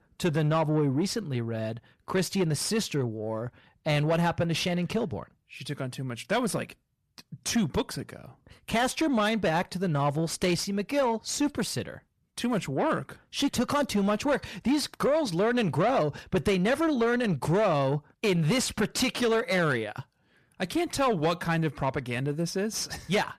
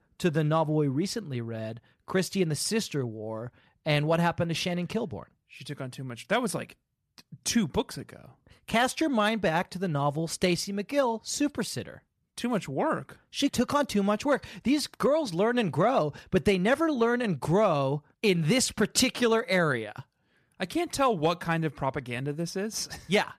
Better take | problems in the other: second | distortion; slight; 10 dB below the speech

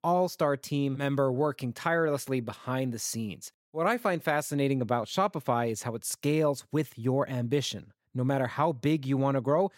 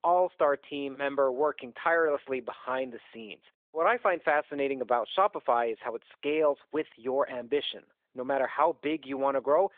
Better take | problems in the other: first | phone-call audio; nothing above 3.5 kHz

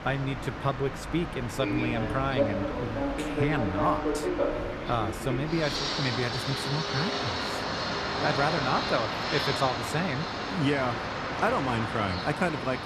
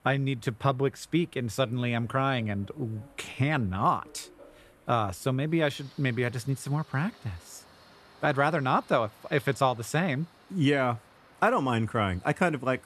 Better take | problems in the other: second | train or aircraft noise; loud; throughout; as loud as the speech; faint in the second

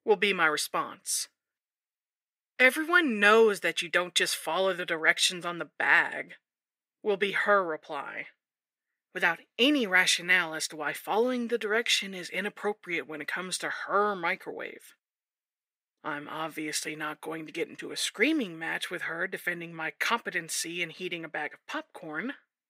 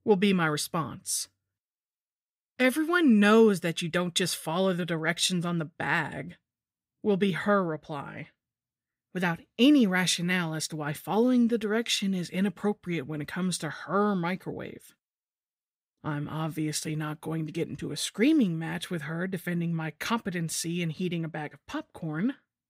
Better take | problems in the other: second | thin; somewhat; fading below 450 Hz

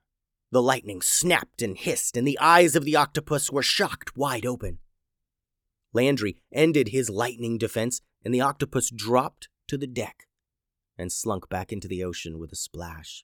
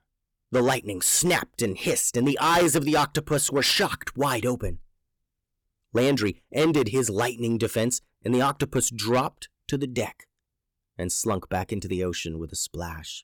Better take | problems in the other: first | distortion; heavy; 8 dB below the speech

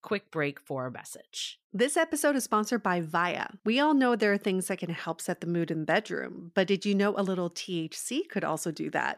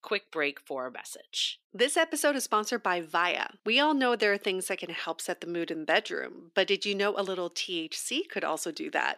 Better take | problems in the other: first | thin; very slightly; fading below 300 Hz

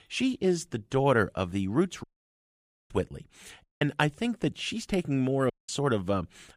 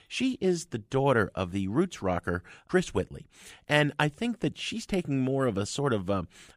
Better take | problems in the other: second | audio cutting out; at 2 s for 1 s, at 3.5 s and at 5.5 s

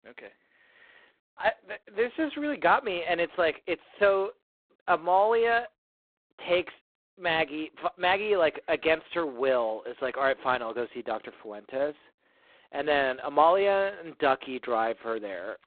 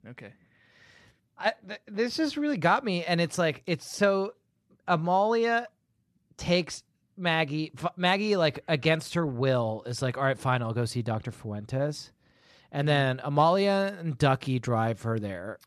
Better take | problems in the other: second | phone-call audio; poor line; nothing above 4 kHz

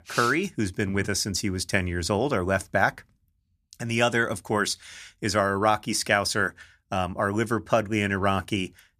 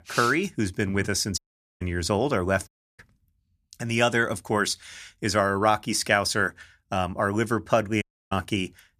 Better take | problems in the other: first | audio cutting out; at 1.5 s, at 2.5 s and at 8 s

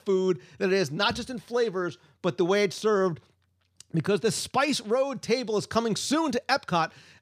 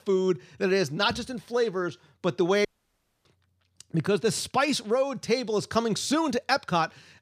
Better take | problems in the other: first | audio cutting out; at 2.5 s for 0.5 s

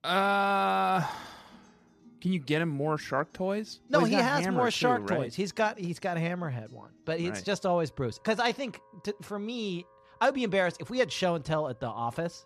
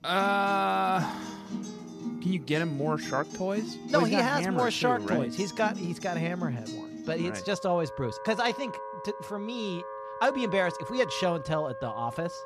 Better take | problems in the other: first | background music; loud; throughout; 9 dB below the speech; faint in the first

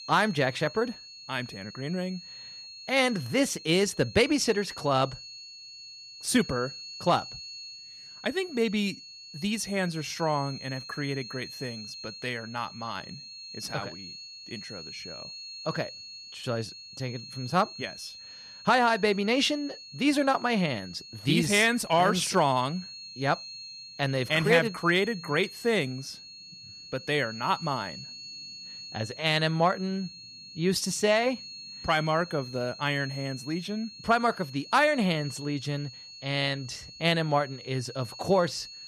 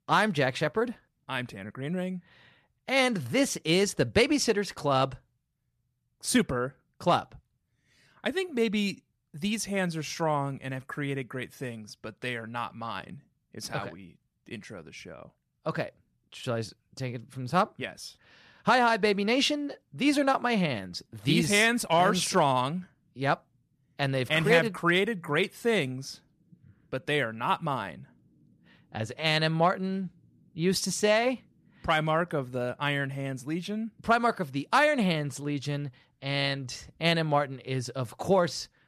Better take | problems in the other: second | high-pitched whine; noticeable; throughout; 4.5 kHz, 15 dB below the speech

